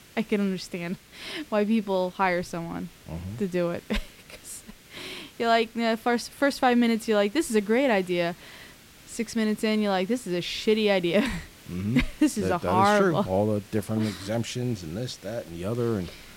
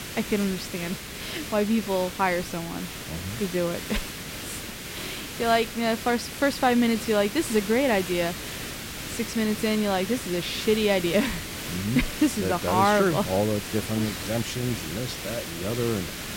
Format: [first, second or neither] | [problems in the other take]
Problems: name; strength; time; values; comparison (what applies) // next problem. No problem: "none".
first | hiss; loud; throughout; 8 dB below the speech; faint in the first